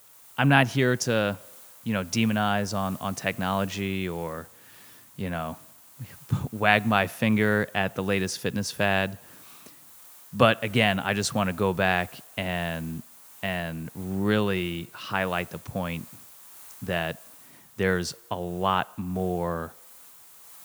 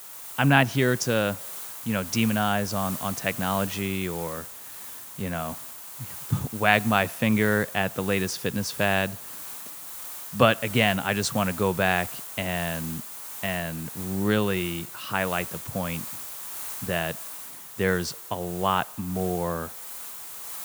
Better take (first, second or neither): first